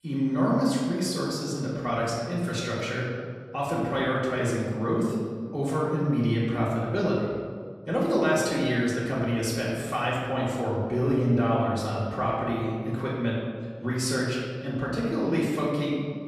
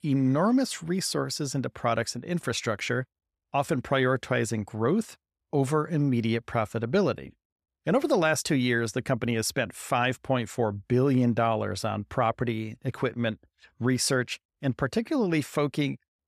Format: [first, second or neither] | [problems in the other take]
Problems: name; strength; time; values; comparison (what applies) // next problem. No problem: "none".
second | off-mic speech; far // room echo; noticeable; dies away in 1.6 s